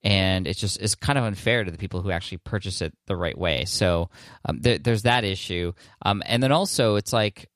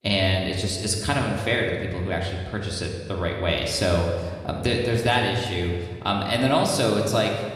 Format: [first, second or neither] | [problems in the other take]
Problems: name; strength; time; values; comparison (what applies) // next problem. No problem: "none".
first | room echo; noticeable; dies away in 1.4 s // off-mic speech; somewhat distant